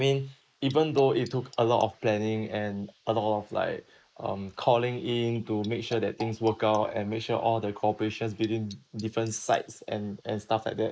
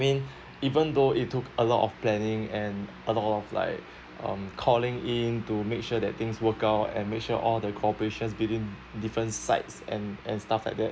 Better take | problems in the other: second | noise reduction (neural mask model Resemble Enhance denoiser)

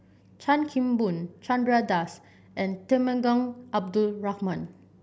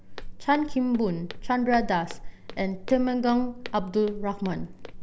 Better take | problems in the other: first | background sound (Walk, footsteps); 9 dB below the speech

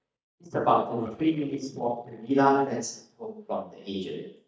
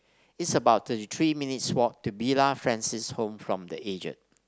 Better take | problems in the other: second | noise reduction (neural mask model DeepFilterNet 3)

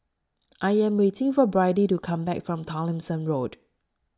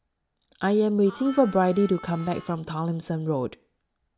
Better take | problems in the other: first | background sound (Harmonica); 18 dB below the speech

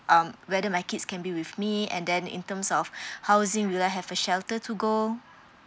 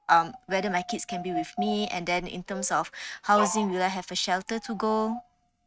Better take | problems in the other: first | noise reduction (neural mask model RNNoise)

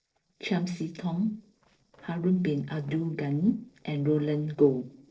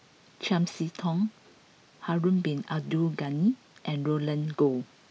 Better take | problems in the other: second | noise reduction (neural separator model SepFormer DNS4)

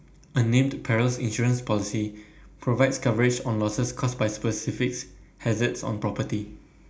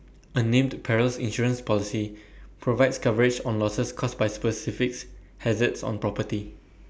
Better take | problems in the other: second | room echo; dies away in 0.4 s

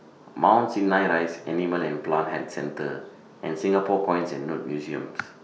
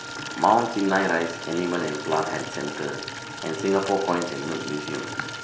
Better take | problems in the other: first | background sound (Water tap, faucet / Liquid + Wind instrument, woodwind instrument); 9 dB below the speech

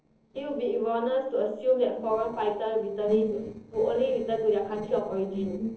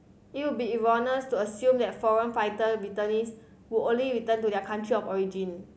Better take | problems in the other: second | noise reduction (neural separator model SepFormer DNS4)

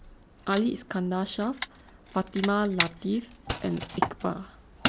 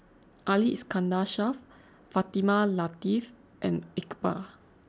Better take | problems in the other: second | background sound (Wood); 5 dB below the speech

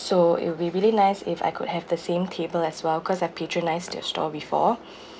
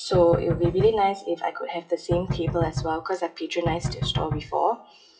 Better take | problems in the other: first | noise reduction (classical method WPE with log-MMSE)

